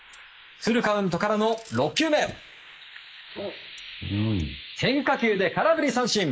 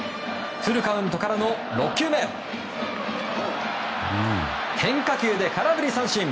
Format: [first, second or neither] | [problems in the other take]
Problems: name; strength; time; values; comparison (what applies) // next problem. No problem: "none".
second | noise reduction (neural mask model Resemble Enhance denoiser)